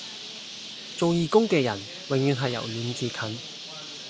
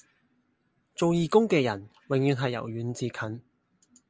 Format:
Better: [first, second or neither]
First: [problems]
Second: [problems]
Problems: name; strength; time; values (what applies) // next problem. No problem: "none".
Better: second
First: background sound (Bird); 11 dB below the speech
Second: none